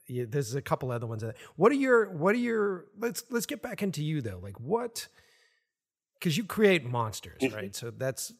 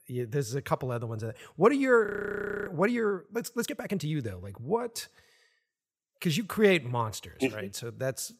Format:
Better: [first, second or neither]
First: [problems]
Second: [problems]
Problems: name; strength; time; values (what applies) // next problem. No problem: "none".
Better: first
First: none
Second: audio freezing; at 2 s for 0.5 s